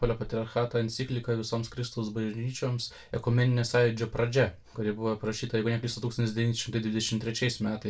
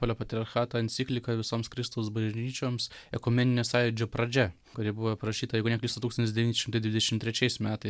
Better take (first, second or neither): second